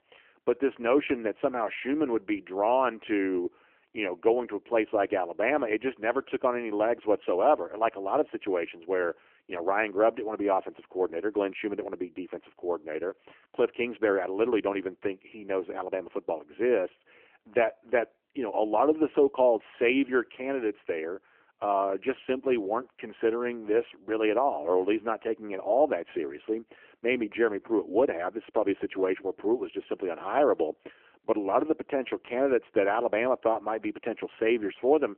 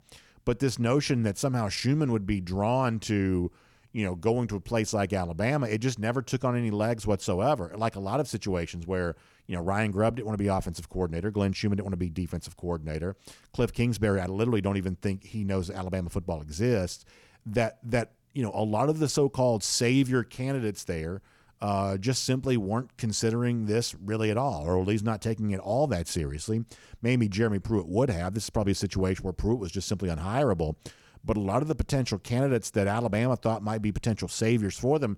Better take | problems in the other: second | phone-call audio

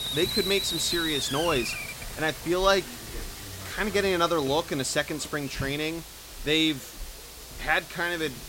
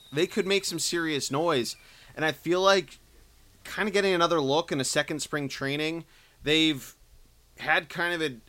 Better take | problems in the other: second | hiss; loud; throughout; 7 dB below the speech; faint in the second

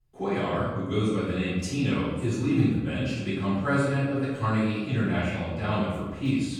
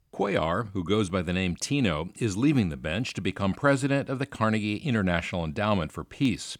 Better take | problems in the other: second | off-mic speech; far // room echo; strong; dies away in 1 s

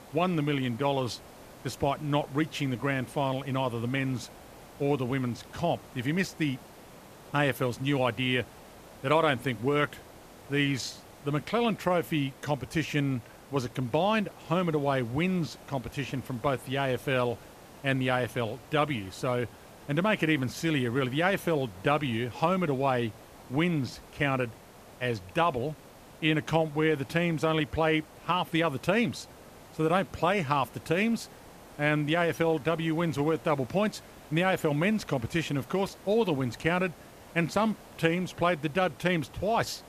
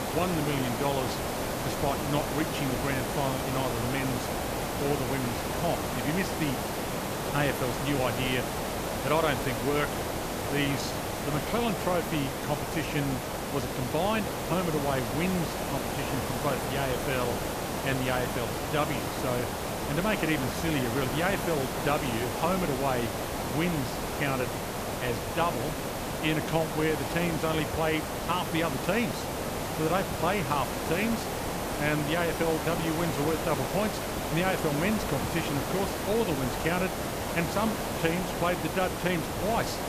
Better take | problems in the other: first | hiss; loud; throughout; 1 dB below the speech; faint in the first

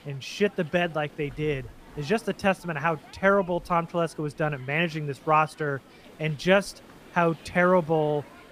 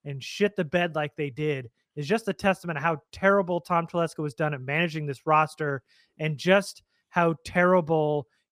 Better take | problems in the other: second | hiss; faint; throughout; 25 dB below the speech

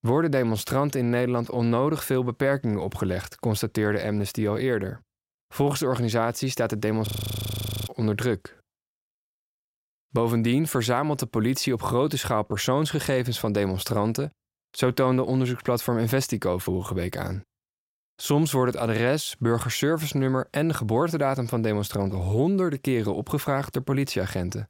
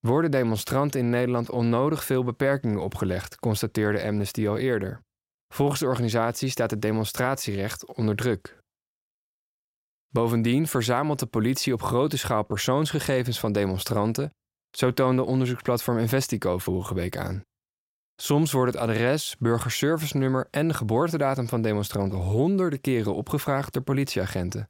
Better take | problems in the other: second | audio freezing; at 7 s for 1 s

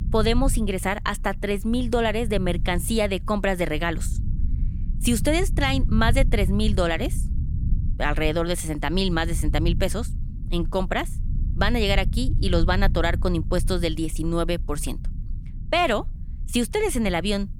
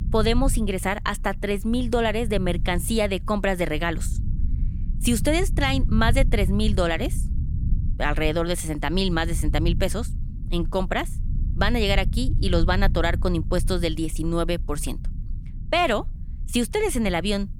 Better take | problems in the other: neither | low rumble; noticeable; throughout; 20 dB below the speech; the same in both

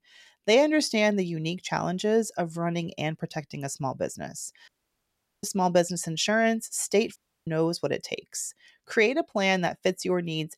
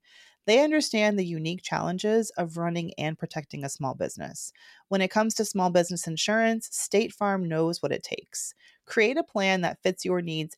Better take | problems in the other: second | audio cutting out; at 4.5 s for 1 s and at 7 s

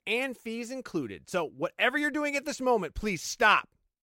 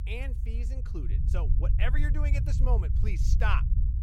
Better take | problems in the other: first | low rumble; loud; throughout; 9 dB below the speech

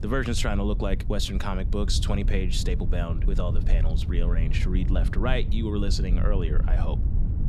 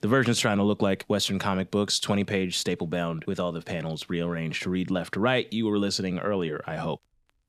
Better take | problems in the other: second | low rumble; noticeable; throughout; 10 dB below the speech

